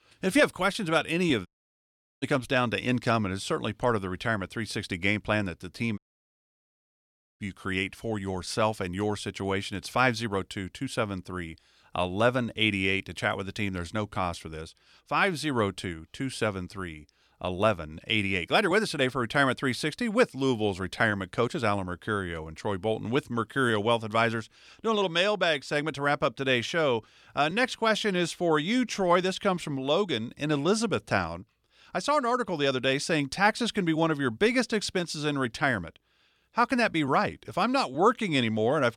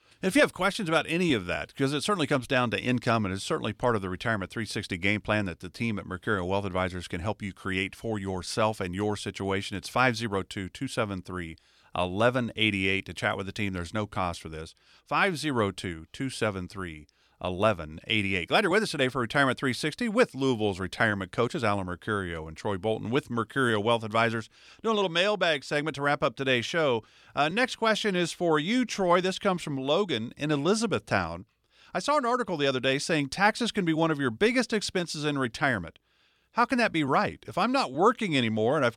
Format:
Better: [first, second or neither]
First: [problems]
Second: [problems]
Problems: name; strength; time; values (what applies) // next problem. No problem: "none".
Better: second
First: audio cutting out; at 1.5 s for 1 s and at 6 s for 1.5 s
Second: none